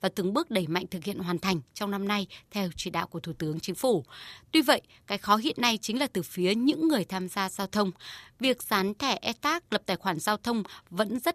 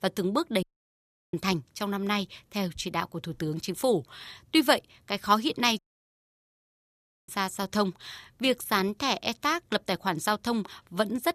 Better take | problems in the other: first | audio cutting out; at 0.5 s for 0.5 s and at 6 s for 1.5 s

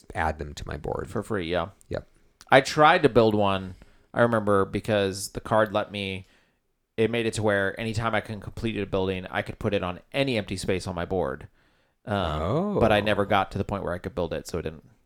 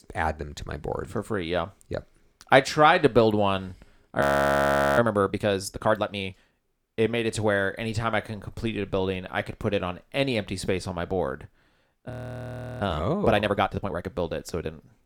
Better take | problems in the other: first | audio freezing; at 4 s for 1 s and at 12 s for 0.5 s

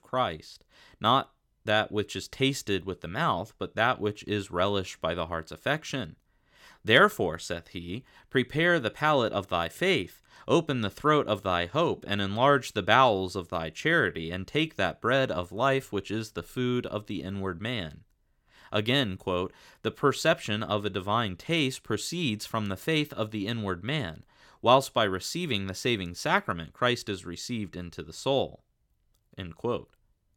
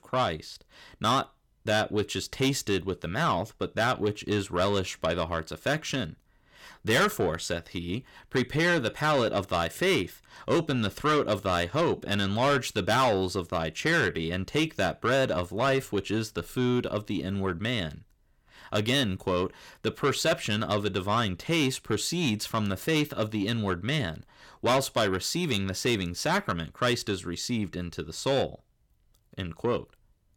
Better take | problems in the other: first | distortion; heavy; 7 dB below the speech

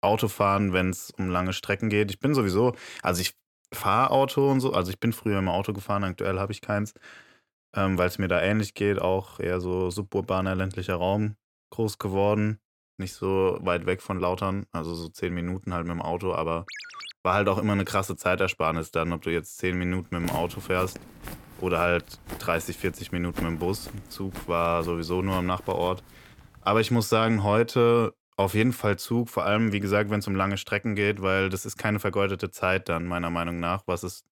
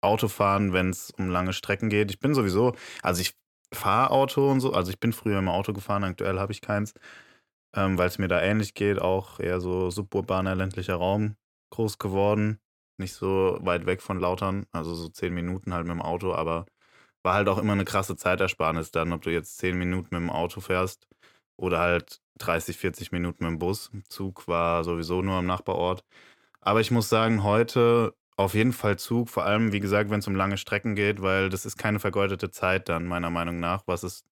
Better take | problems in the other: second | phone ringing; faint; at 17 s; peak 10 dB below the speech // footsteps; noticeable; from 20 to 27 s; peak 9 dB below the speech

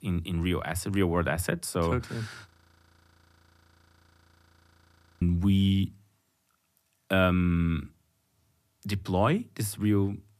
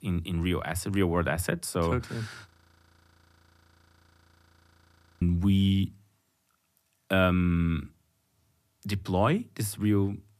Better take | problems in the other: neither | audio freezing; at 2.5 s for 2.5 s; the same in both

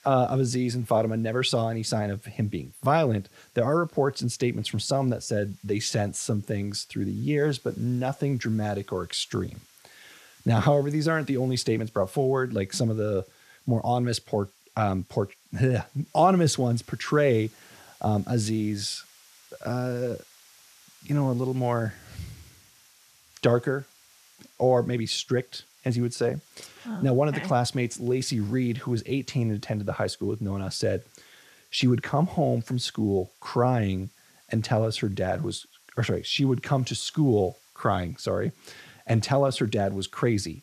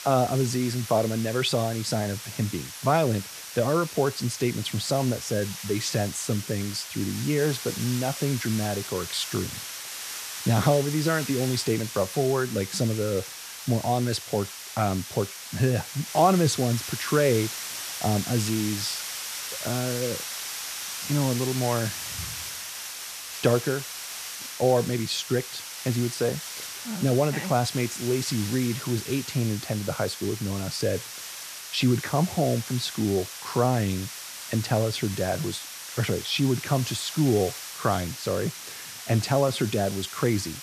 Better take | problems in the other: first | hiss; loud; throughout; 8 dB below the speech; faint in the first

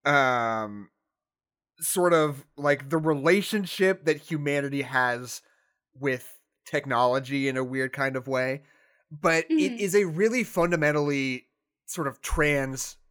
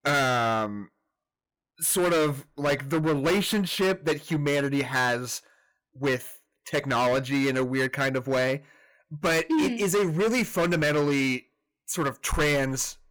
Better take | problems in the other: first | distortion; heavy; 15% of the sound clipped

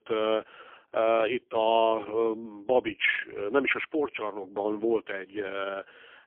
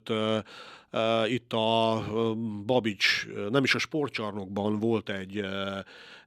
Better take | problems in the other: second | phone-call audio; poor line; nothing above 3.5 kHz

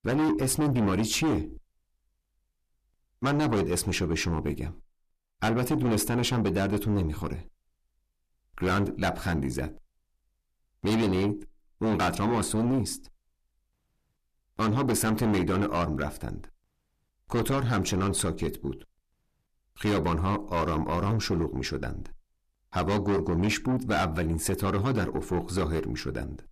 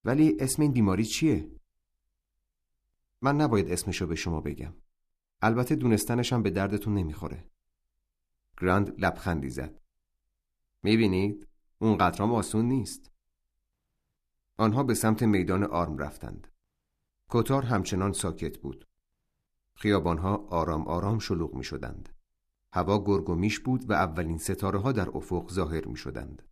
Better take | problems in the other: second | distortion; heavy; 6 dB below the speech

